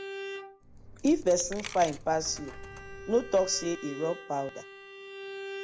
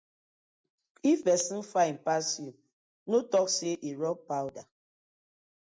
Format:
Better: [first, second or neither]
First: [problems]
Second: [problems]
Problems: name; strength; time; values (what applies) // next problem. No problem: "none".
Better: second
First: background sound (Bowed string instrument + Coin (dropping)); 11 dB below the speech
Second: none